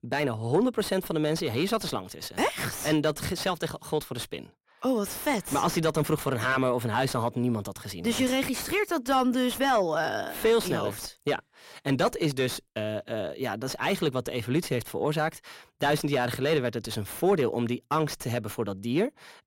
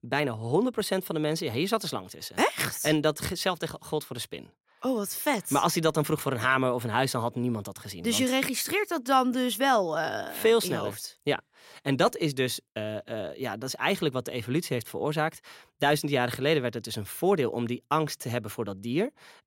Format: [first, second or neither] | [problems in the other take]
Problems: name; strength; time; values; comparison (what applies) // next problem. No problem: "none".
second | distortion; slight; 10 dB below the speech